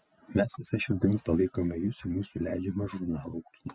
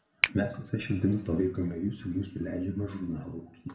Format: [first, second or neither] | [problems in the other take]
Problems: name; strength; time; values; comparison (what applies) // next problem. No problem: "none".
first | background sound (Finger snapping); 6 dB below the speech // room echo; dies away in 0.7 s